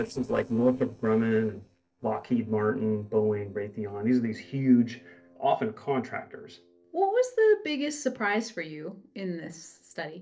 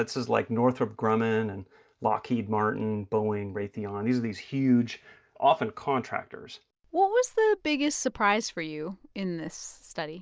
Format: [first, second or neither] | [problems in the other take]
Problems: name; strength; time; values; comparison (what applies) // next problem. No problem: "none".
second | noise reduction (neural separator model SepFormer DNS4)